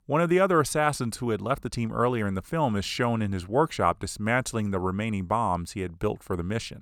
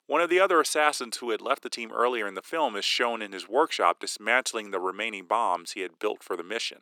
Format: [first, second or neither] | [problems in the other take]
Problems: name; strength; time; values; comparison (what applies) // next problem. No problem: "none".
first | thin; very; fading below 300 Hz